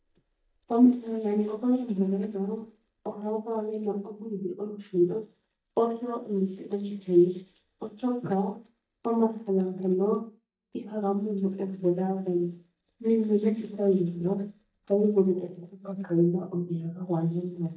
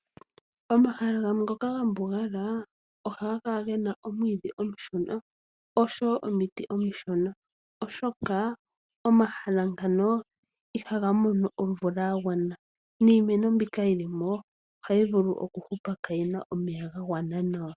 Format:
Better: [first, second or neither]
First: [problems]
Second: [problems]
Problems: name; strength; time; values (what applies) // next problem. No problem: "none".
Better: second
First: noise reduction (neural mask model DeepFilterNet 3)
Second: none